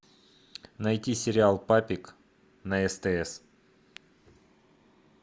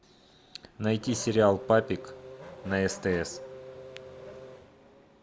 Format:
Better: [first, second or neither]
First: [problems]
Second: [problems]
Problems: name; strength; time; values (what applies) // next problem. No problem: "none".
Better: first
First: none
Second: background sound (Race car, auto racing / Accelerating, revving, vroom); 15 dB below the speech